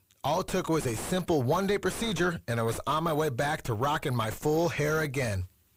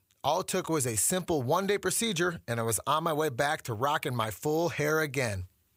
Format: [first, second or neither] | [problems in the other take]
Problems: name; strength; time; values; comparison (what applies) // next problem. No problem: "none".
second | distortion; heavy; 5 dB below the speech